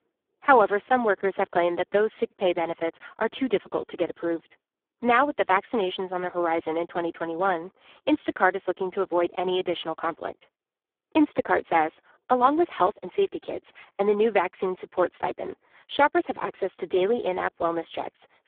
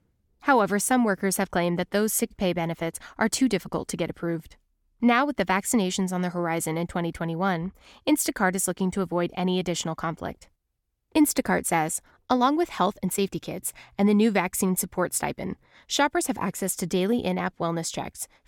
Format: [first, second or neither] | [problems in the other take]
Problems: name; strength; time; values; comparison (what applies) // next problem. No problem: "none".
second | phone-call audio; poor line